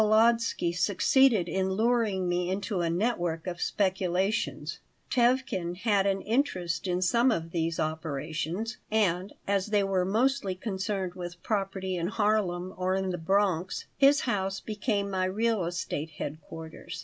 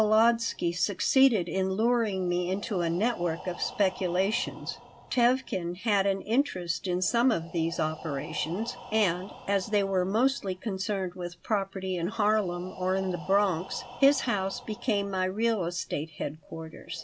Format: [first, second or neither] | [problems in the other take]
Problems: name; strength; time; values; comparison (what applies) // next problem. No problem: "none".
first | background sound (Breathing); 19 dB below the speech